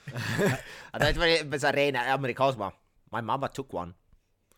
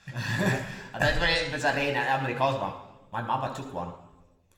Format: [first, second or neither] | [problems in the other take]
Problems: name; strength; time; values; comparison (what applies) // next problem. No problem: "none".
first | room echo; slight; dies away in 0.9 s